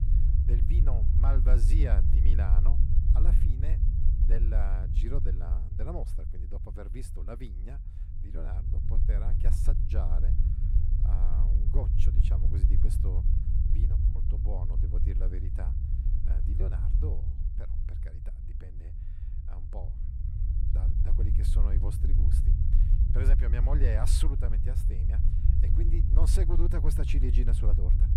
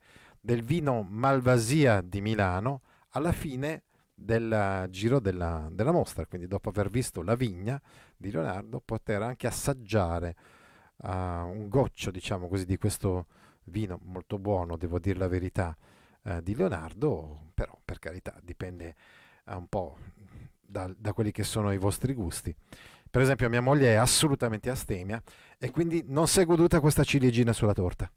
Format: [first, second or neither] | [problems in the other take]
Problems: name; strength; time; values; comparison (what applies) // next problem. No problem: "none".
second | low rumble; loud; throughout; 2 dB below the speech